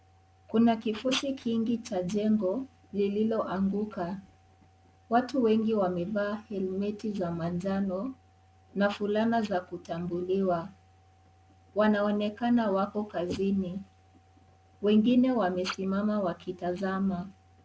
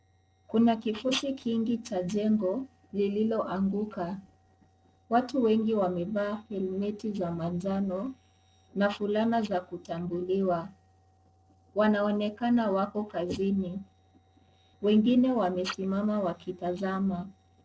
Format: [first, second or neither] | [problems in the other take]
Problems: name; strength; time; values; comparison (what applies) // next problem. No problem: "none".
first | noise reduction (neural separator model SepFormer DNS4)